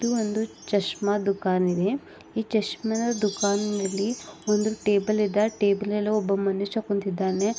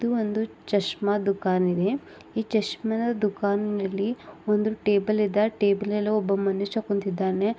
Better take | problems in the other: second | background sound (Wind chime); 17 dB below the speech

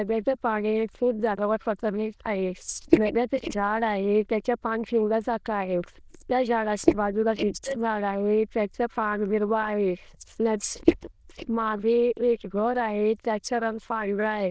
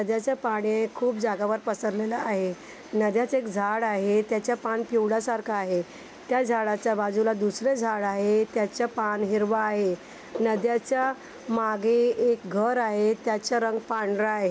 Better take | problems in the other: second | noise reduction (neural diffusion model UNIVERSE++)

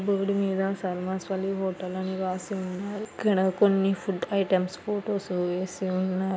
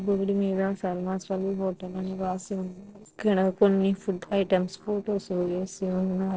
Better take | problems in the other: first | noise reduction (neural separator model SepFormer DNS4)

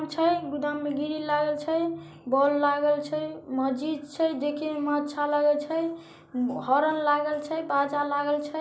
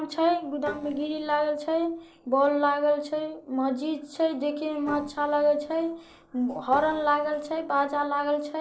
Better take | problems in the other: first | noise reduction (neural separator model SepFormer DNS4)

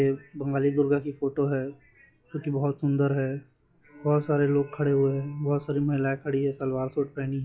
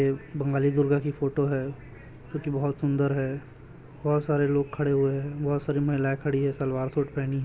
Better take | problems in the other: second | noise reduction (classical method log-MMSE)

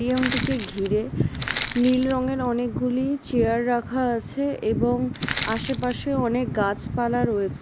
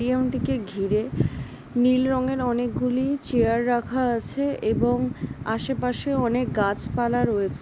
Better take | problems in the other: second | background sound (Crushing); 9 dB below the speech

